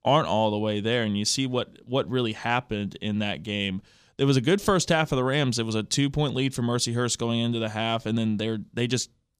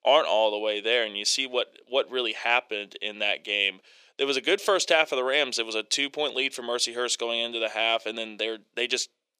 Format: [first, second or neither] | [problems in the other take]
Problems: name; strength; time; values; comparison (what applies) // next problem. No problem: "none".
first | thin; very; fading below 350 Hz